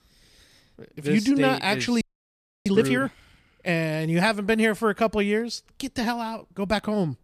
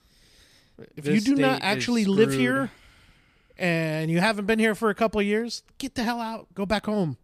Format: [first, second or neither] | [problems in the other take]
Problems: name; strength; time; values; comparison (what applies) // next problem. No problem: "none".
second | audio freezing; at 2 s for 0.5 s